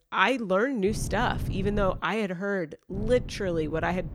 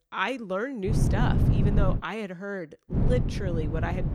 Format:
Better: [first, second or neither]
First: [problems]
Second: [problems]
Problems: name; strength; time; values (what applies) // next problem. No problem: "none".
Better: first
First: wind noise on the microphone; occasional gusts; from 1 to 2 s and from 3 s on; 20 dB below the speech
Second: wind noise on the microphone; heavy; from 1 to 2 s and from 3 s on; 5 dB below the speech